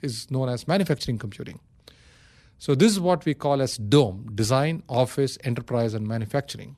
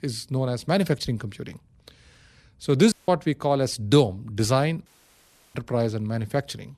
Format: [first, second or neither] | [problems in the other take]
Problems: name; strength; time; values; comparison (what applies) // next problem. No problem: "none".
first | audio cutting out; at 3 s and at 5 s for 0.5 s